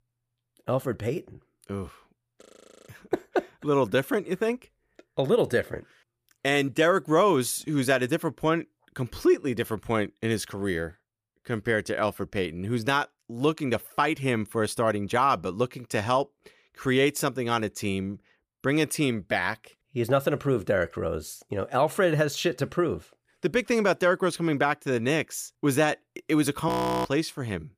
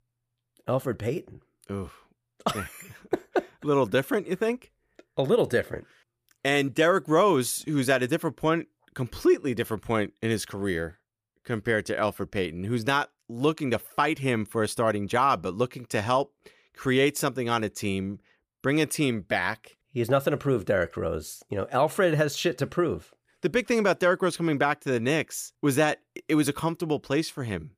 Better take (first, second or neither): second